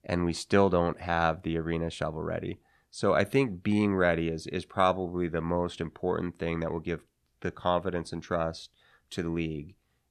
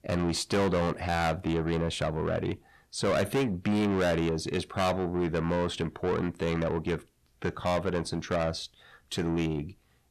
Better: first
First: none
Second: distortion; heavy; 6 dB below the speech

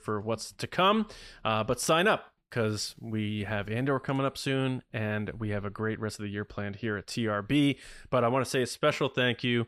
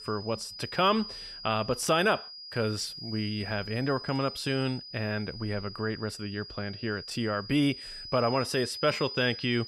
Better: first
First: none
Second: high-pitched whine; loud; throughout; 5 kHz, 10 dB below the speech

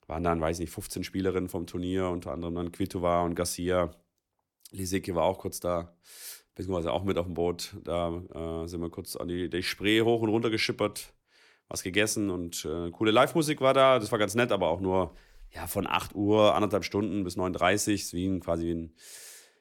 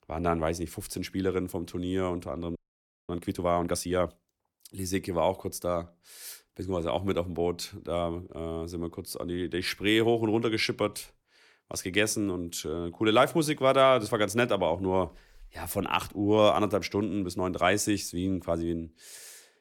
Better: first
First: none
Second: audio freezing; at 2.5 s for 0.5 s

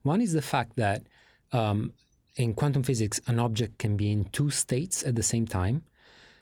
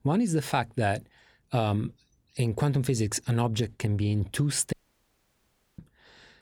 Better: first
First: none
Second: audio cutting out; at 4.5 s for 1 s

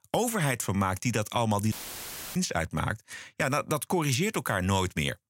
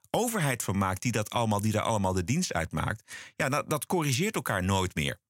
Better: second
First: audio cutting out; filled with static; at 1.5 s for 0.5 s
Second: none

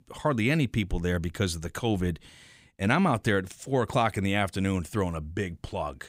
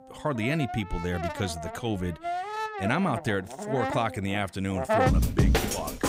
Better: first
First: none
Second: background music; very loud; throughout; 1 dB above the speech

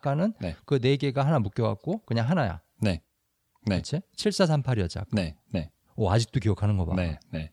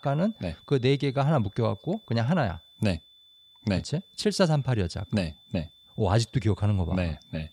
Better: first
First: none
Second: high-pitched whine; faint; throughout; 3.5 kHz, 25 dB below the speech

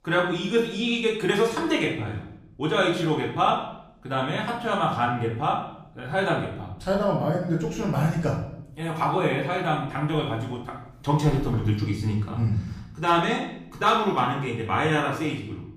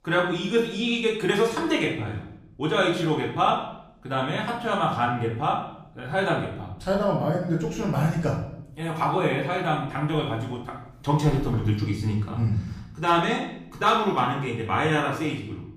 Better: neither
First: room echo; noticeable; dies away in 0.6 s // off-mic speech; far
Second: room echo; noticeable; dies away in 0.6 s // off-mic speech; far

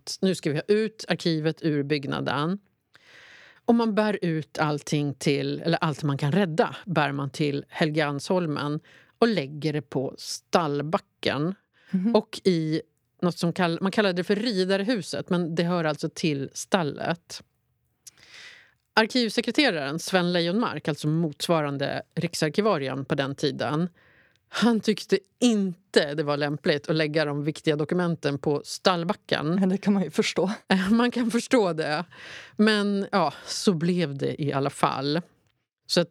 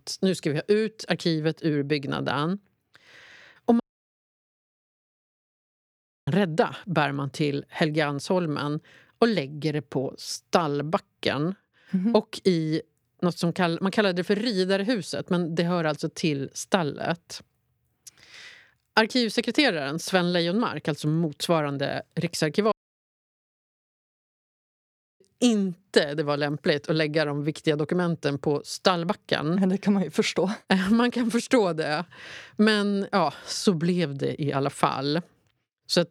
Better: first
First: none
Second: audio cutting out; at 4 s for 2.5 s and at 23 s for 2.5 s

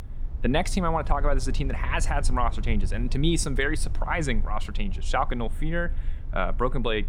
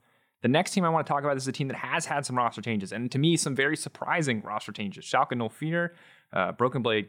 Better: second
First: low rumble; faint; throughout; 20 dB below the speech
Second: none

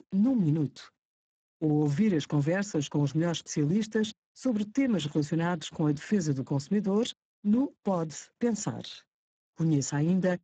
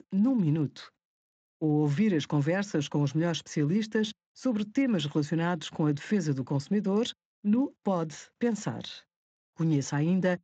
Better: second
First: garbled, watery; badly; nothing above 7.5 kHz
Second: garbled, watery; slightly; nothing above 7.5 kHz

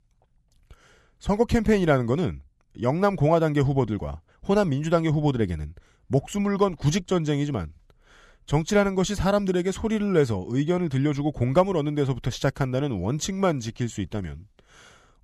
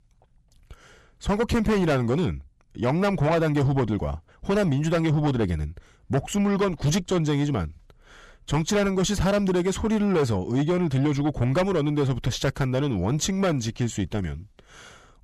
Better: first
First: none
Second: distortion; heavy; 7 dB below the speech

